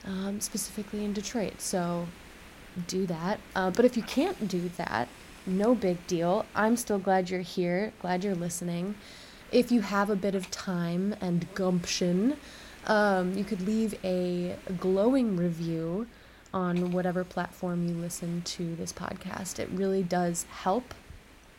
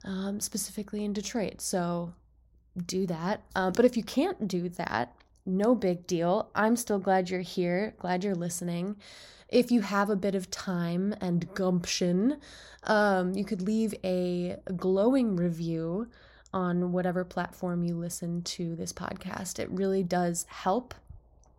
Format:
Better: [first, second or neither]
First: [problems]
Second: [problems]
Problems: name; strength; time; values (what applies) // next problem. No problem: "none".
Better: second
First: hiss; faint; throughout; 20 dB below the speech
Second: none